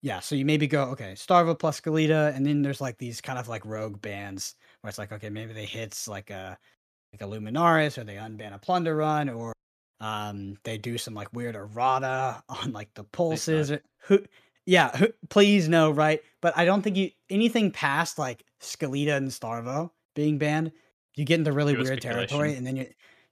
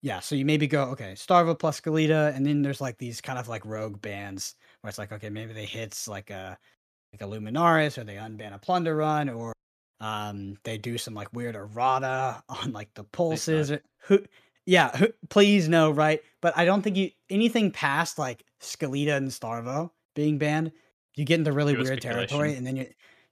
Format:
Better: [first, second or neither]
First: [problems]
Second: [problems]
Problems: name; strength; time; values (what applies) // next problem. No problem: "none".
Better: neither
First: none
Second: none